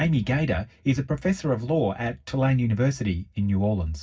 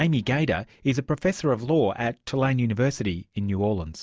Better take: second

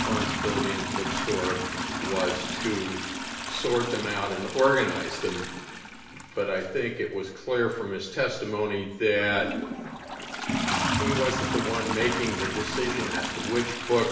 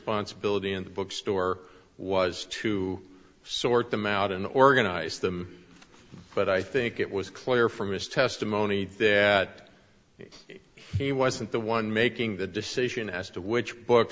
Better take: second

